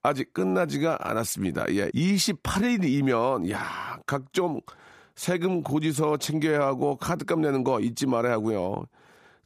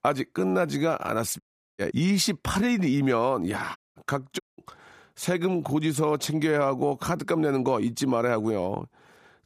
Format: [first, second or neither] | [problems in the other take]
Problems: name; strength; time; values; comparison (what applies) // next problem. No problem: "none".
first | audio cutting out; at 1.5 s, at 4 s and at 4.5 s